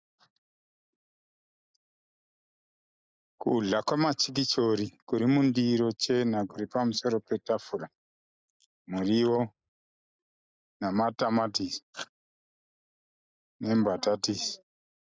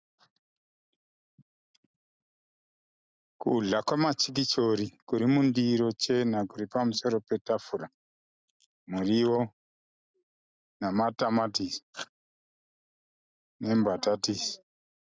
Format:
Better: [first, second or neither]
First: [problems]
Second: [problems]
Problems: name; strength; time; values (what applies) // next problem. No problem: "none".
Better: second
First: noise reduction (neural mask model Resemble Enhance denoiser)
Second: none